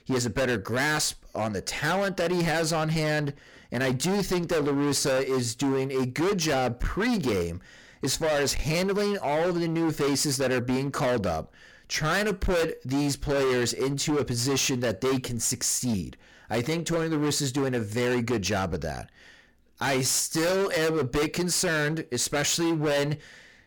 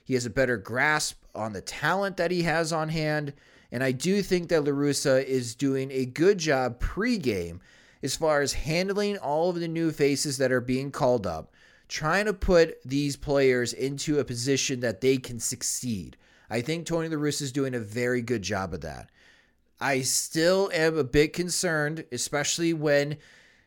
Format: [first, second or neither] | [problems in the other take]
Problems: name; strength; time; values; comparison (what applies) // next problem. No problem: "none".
second | distortion; heavy; 24% of the sound clipped